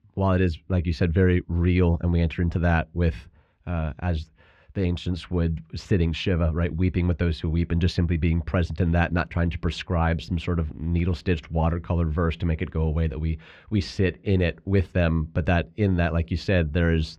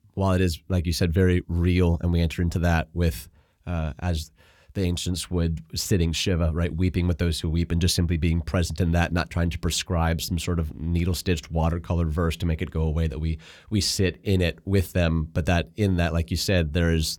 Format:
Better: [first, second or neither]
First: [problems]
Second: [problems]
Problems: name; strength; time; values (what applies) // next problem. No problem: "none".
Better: second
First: muffled; slightly; fading above 2.5 kHz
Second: none